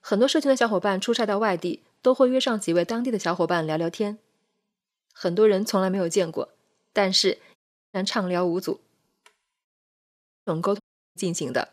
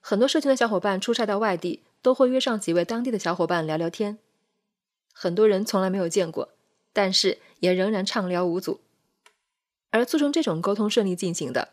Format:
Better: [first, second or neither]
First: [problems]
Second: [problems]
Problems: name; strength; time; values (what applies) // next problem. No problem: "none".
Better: second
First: audio cutting out; at 7.5 s, at 9.5 s for 1 s and at 11 s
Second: none